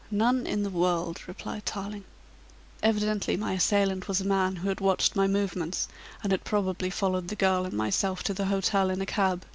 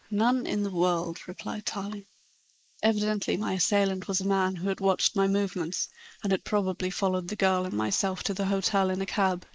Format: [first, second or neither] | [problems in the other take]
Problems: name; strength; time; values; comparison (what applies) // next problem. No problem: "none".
first | noise reduction (neural mask model Resemble Enhance denoiser)